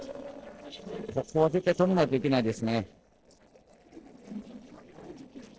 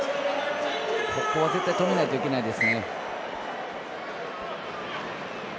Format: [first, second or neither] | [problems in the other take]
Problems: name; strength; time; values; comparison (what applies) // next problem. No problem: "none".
second | noise reduction (neural separator model SepFormer DNS4)